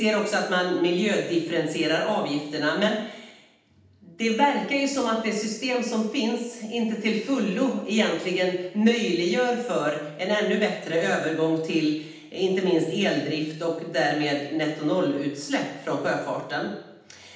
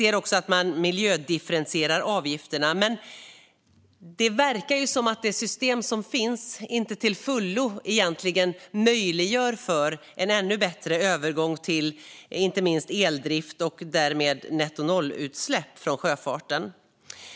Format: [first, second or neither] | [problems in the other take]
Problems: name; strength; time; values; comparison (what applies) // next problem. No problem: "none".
second | room echo; dies away in 0.8 s